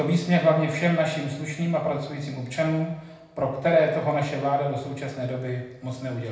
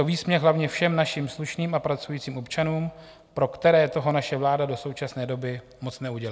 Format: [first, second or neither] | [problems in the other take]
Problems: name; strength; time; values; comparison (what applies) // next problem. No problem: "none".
second | room echo; dies away in 0.8 s